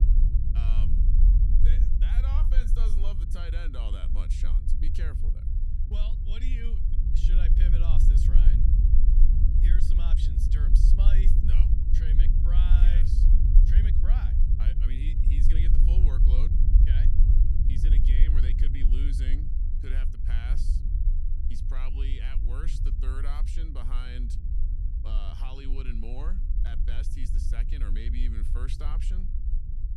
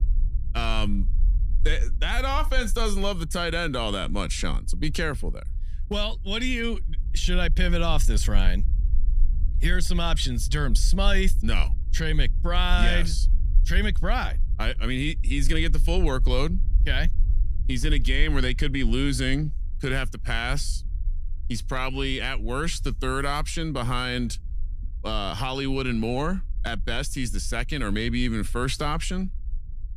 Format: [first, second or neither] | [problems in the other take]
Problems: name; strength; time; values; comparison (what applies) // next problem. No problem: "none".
second | low rumble; loud; throughout; 1 dB below the speech; faint in the second